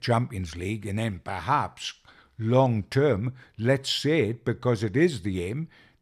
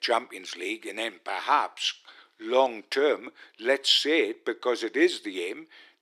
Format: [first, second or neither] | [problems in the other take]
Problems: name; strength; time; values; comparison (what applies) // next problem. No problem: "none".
first | thin; very; fading below 300 Hz